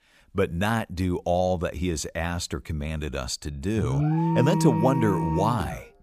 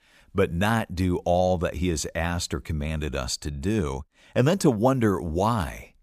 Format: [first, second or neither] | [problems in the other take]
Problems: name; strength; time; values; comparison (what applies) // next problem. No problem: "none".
second | alarm; loud; from 4 s on; peak 3 dB above the speech